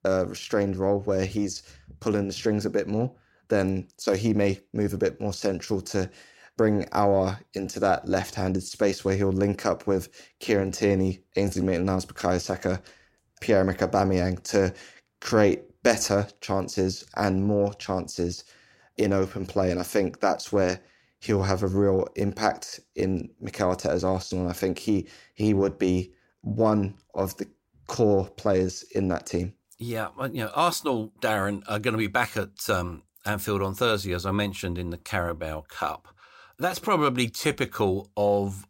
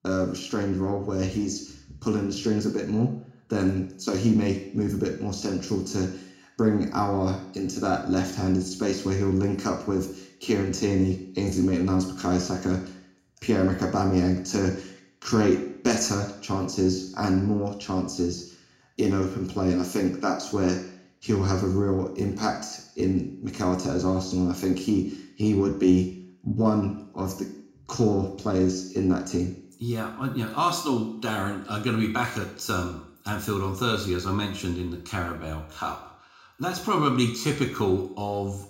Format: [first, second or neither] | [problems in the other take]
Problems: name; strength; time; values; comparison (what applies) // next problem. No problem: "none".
first | room echo; slight; dies away in 0.6 s // off-mic speech; far